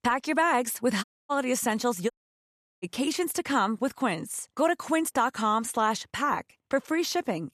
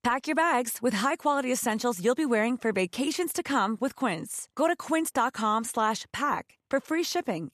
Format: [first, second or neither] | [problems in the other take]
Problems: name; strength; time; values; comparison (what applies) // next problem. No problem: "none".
second | audio cutting out; at 1 s and at 2 s for 0.5 s